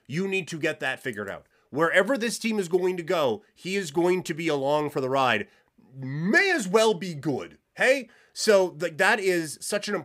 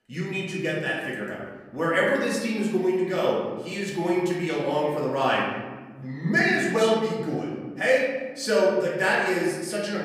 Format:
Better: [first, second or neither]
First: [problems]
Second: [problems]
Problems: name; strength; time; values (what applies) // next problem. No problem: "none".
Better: first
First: none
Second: room echo; noticeable; dies away in 1.3 s // off-mic speech; far